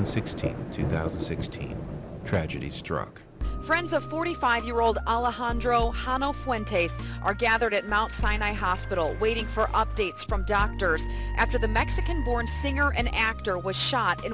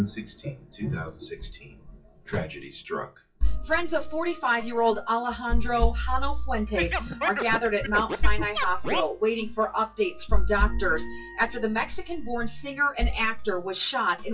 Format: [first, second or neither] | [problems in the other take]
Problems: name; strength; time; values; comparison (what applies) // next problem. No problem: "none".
first | noise reduction (classical method WPE with log-MMSE)